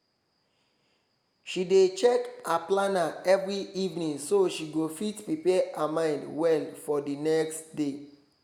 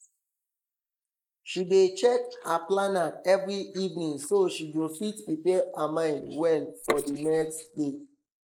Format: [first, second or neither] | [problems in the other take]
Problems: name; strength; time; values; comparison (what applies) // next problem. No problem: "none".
first | noise reduction (neural mask model Resemble Enhance denoiser)